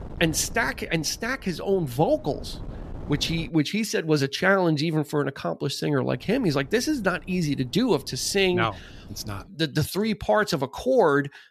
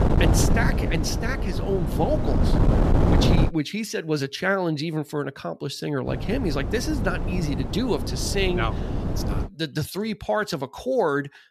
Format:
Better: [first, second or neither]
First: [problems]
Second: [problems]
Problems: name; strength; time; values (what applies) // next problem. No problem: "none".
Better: first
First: wind noise on the microphone; occasional gusts; until 3.5 s and from 6 to 9.5 s; 25 dB below the speech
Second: wind noise on the microphone; heavy; until 3.5 s and from 6 to 9.5 s; 4 dB below the speech